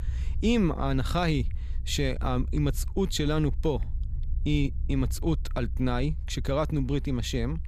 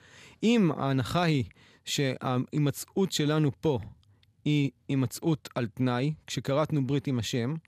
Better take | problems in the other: second | low rumble; faint; throughout; 25 dB below the speech

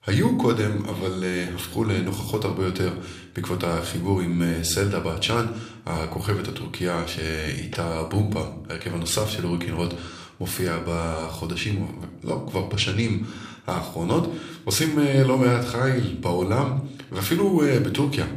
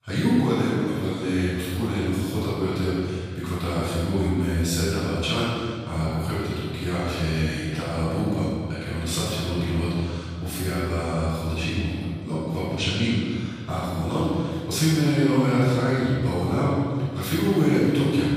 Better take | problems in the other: first | room echo; strong; dies away in 2 s; slight in the first // off-mic speech; far

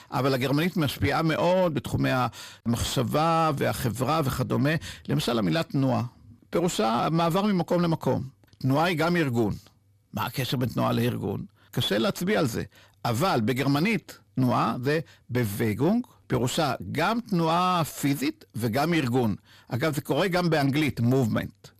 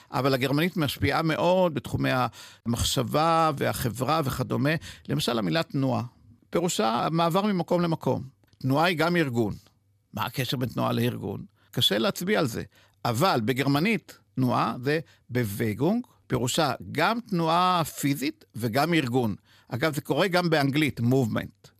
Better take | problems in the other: second | distortion; slight; 10 dB below the speech

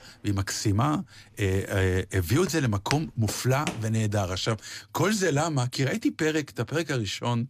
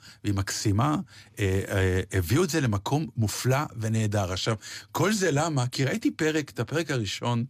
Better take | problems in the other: second | footsteps; noticeable; from 2.5 to 4 s; peak 7 dB below the speech

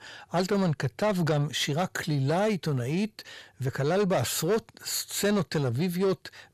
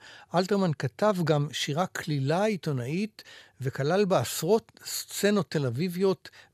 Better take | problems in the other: second | distortion; slight; 10 dB below the speech

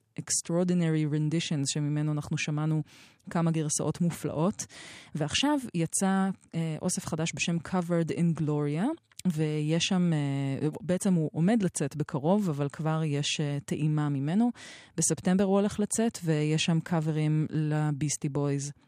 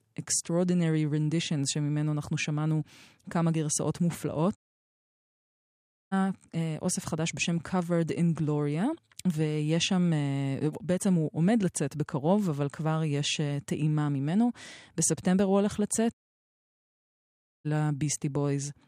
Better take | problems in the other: first | audio cutting out; at 4.5 s for 1.5 s and at 16 s for 1.5 s

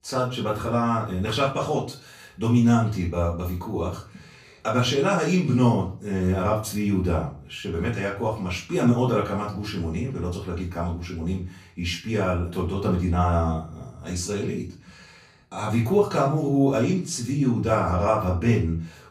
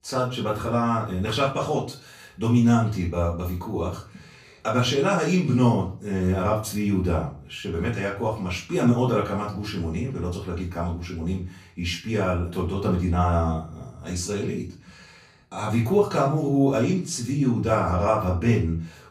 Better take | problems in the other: neither | room echo; slight; dies away in 0.3 s; the same in both // off-mic speech; far; the same in both

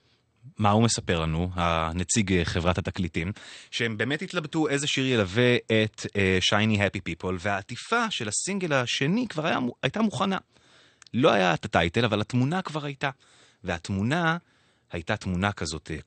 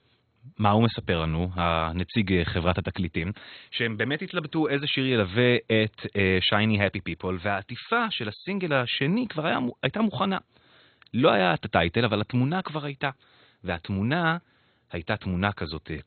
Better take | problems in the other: first | garbled, watery; badly; nothing above 4 kHz; slightly in the first

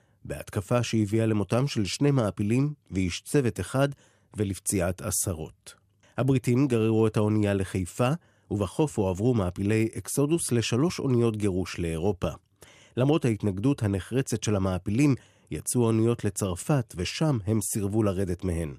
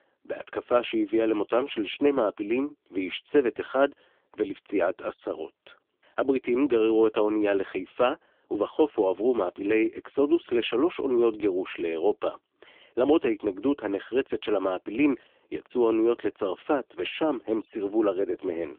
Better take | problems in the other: first | phone-call audio; poor line; nothing above 3.5 kHz

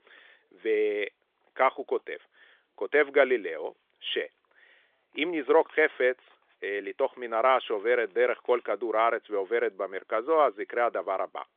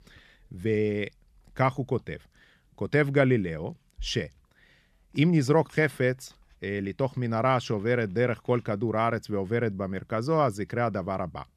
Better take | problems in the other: second | phone-call audio; nothing above 3.5 kHz

